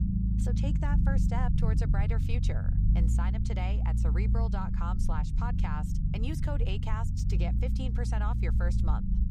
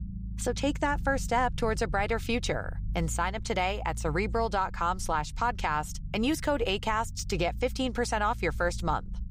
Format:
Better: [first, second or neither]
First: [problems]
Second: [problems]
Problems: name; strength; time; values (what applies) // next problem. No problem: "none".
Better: second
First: low rumble; loud; throughout; 3 dB below the speech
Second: low rumble; faint; throughout; 25 dB below the speech